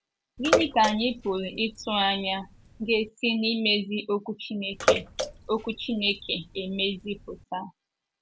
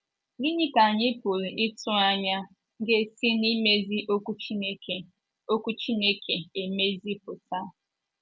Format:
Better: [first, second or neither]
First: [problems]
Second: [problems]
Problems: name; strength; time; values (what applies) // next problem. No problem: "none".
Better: second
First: background sound (Bathtub (filling or washing) / Water / Splash, splatter); 3 dB below the speech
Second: none